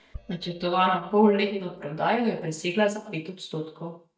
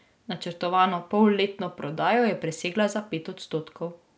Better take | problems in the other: second | noise reduction (neural mask model DeepFilterNet 3)

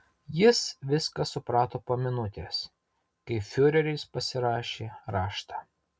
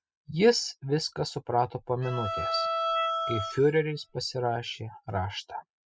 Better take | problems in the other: first | noise reduction (classical method spectral subtraction)

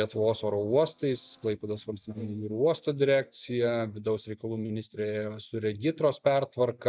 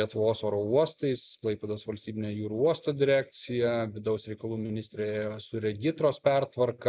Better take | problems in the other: second | noise reduction (neural mask model DeepFilterNet 3)

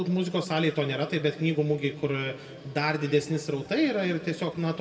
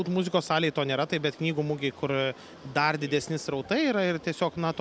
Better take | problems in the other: second | room echo; dies away in 1.4 s

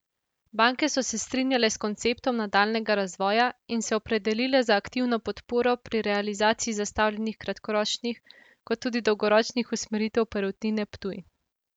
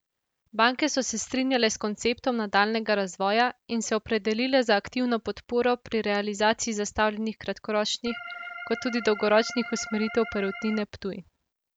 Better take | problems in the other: first | background sound (Organ); 11 dB below the speech

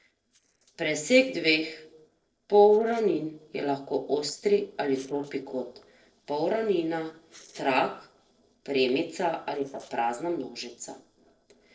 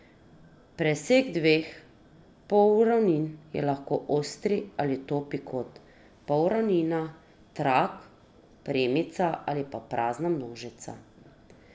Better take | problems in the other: second | noise reduction (neural separator model SepFormer DNS4)

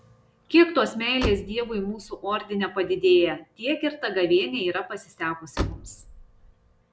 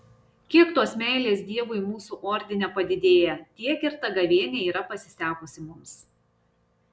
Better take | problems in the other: second | background sound (Slam); 9 dB below the speech

